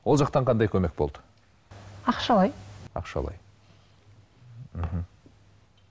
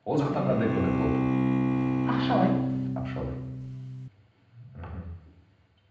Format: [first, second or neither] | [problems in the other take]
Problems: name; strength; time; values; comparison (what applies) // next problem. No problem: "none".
first | background sound (Bowed string instrument); 5 dB above the speech // room echo; dies away in 0.9 s